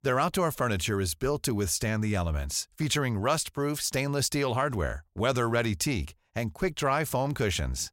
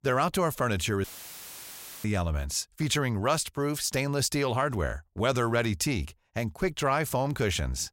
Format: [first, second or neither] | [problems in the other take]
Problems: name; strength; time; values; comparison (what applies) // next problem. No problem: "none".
first | audio cutting out; filled with static; at 1 s for 1 s